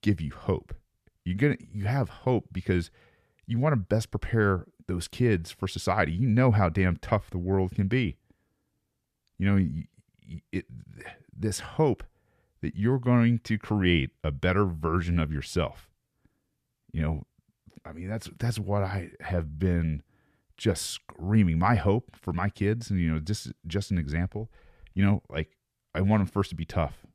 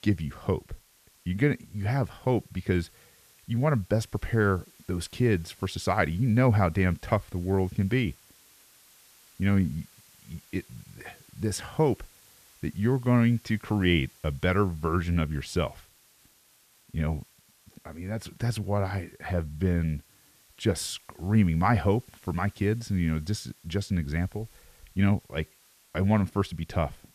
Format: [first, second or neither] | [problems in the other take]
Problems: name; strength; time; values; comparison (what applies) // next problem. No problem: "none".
first | hiss; faint; throughout; 30 dB below the speech